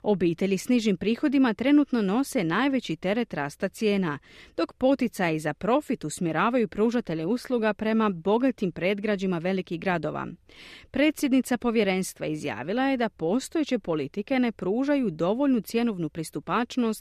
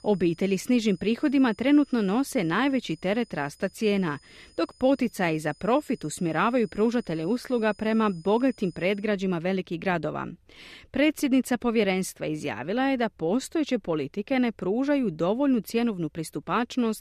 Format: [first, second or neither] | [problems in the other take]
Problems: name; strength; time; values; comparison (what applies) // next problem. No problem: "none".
first | high-pitched whine; faint; until 9 s; 5 kHz, 30 dB below the speech